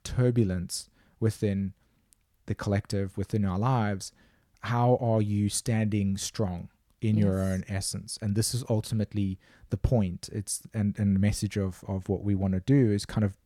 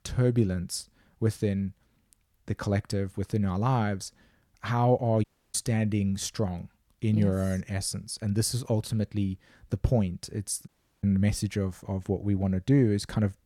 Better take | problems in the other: first | audio cutting out; at 5 s and at 11 s

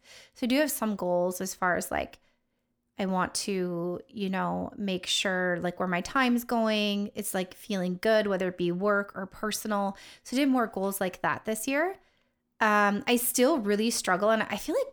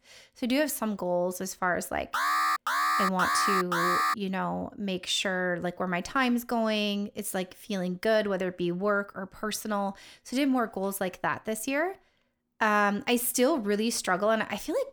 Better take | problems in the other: first | alarm; loud; from 2 to 4 s; peak 4 dB above the speech

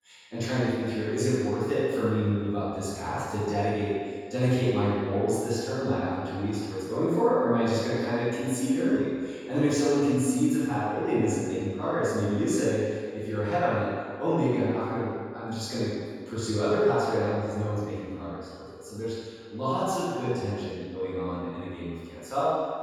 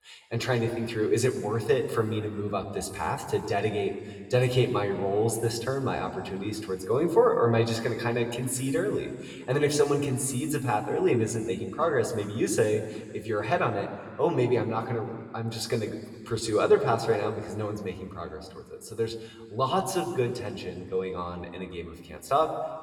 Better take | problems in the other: second | room echo; strong; dies away in 1.9 s; slight in the second // off-mic speech; far

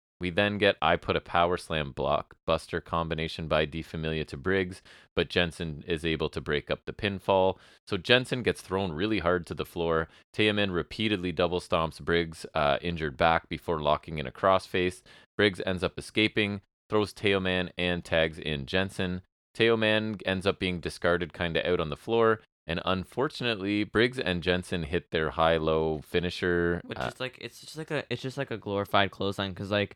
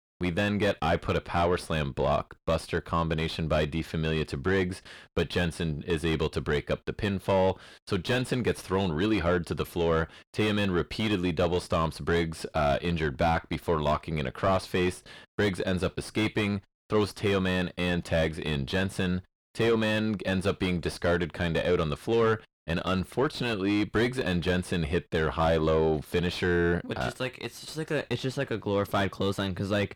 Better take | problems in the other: first | distortion; heavy; 6 dB below the speech

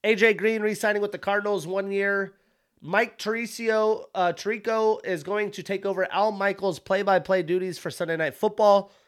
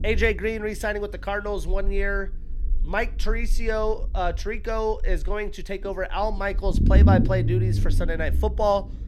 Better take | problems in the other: first | low rumble; loud; throughout; 8 dB below the speech

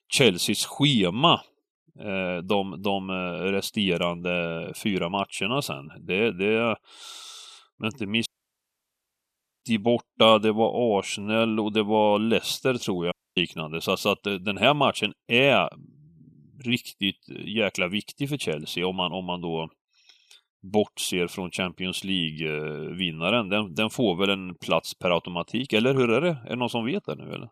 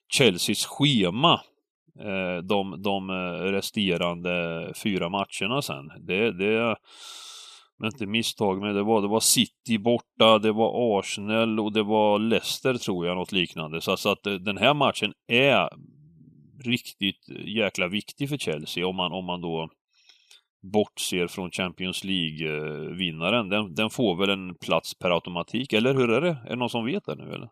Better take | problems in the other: second | audio cutting out; at 8.5 s for 1.5 s and at 13 s

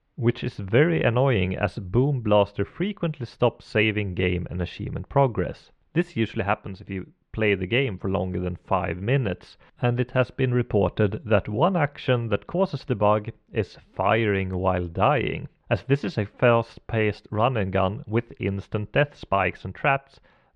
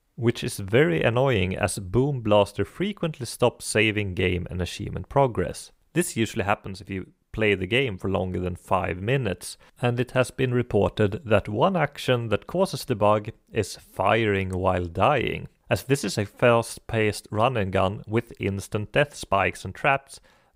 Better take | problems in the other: second | muffled; slightly; fading above 3 kHz

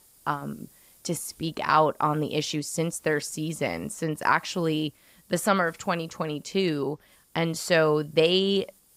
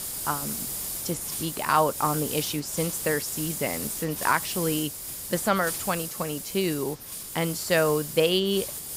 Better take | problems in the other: first | hiss; loud; throughout; 4 dB below the speech; faint in the first

